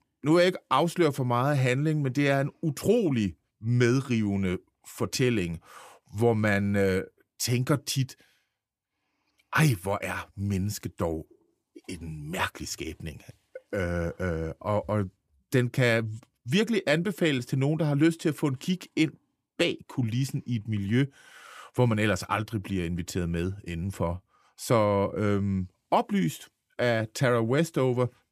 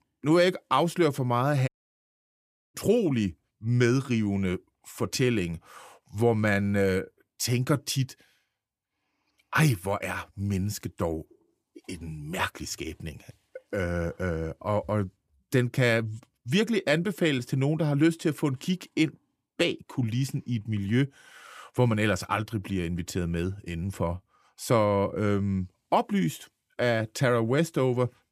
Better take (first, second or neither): first